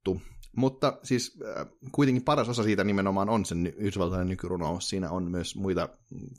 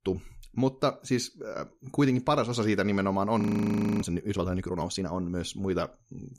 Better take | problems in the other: first | audio freezing; at 3.5 s for 0.5 s

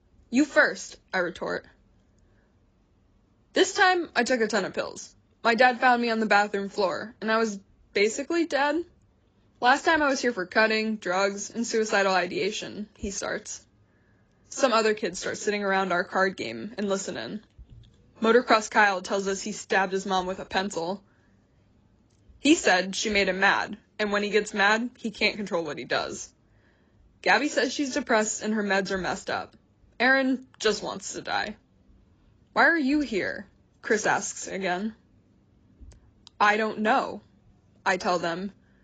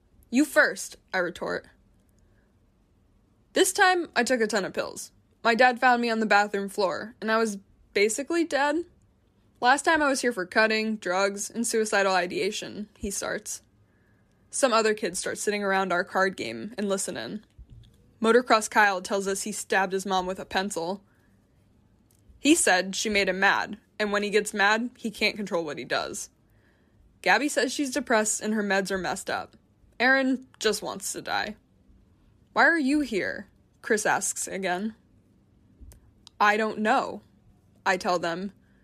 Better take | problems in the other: second | garbled, watery; badly; nothing above 7.5 kHz

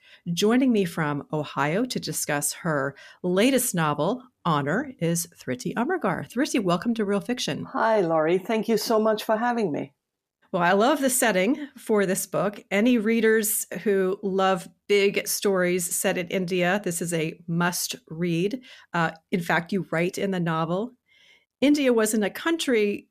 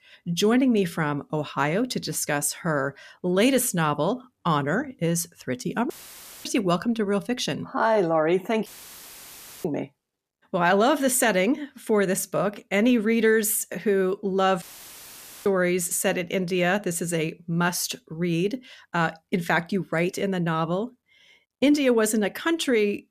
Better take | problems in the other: first | audio cutting out; filled with static; at 6 s for 0.5 s, at 8.5 s for 1 s and at 15 s for 1 s

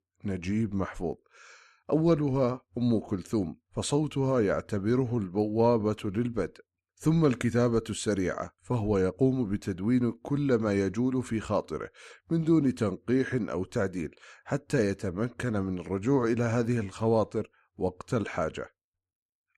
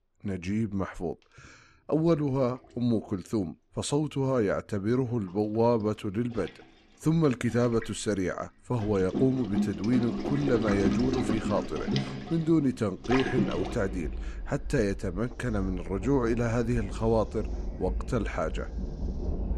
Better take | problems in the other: first | rain or running water; loud; throughout; 6 dB below the speech

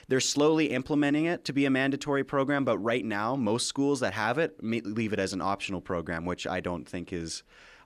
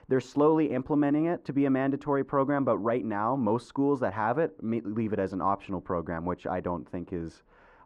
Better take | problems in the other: first | muffled; very; fading above 2 kHz

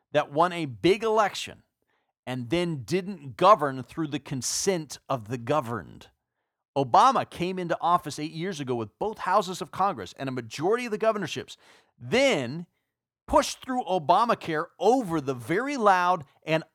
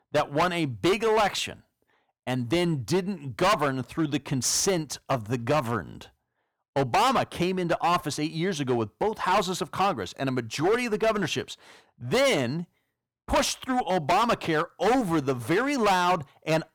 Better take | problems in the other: first | distortion; heavy; 11% of the sound clipped

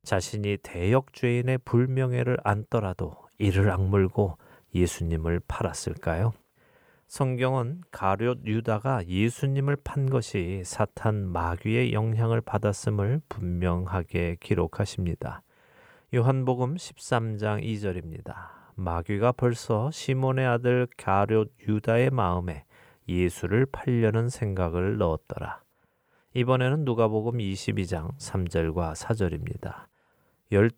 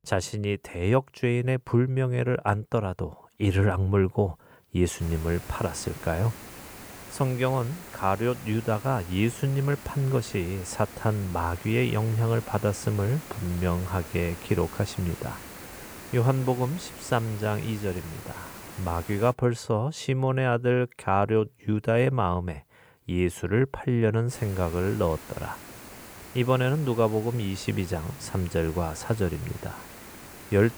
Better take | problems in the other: first | hiss; noticeable; from 5 to 19 s and from 24 s on; 15 dB below the speech

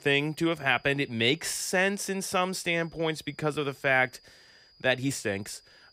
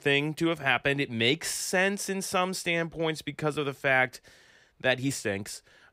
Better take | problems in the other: second | high-pitched whine; faint; throughout; 5 kHz, 30 dB below the speech

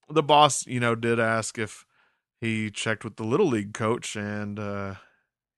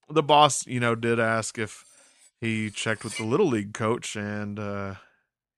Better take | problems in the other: first | clattering dishes; faint; at 2.5 s; peak 10 dB below the speech

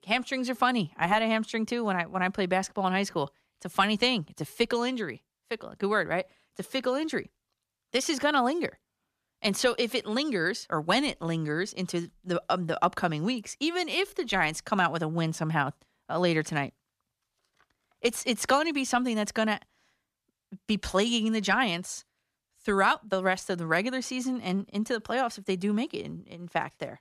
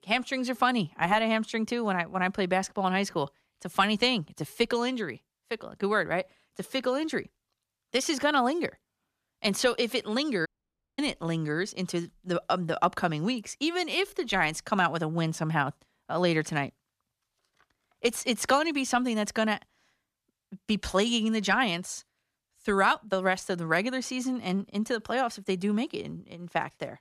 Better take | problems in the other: first | audio cutting out; at 10 s for 0.5 s

